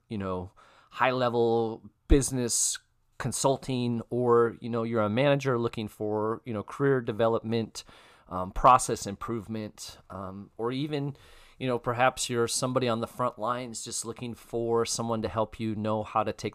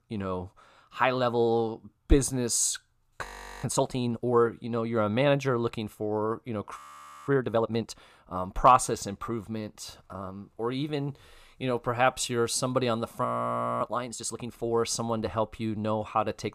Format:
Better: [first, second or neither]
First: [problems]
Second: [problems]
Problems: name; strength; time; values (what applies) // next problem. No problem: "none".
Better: first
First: none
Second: audio freezing; at 3 s, at 7 s and at 13 s for 0.5 s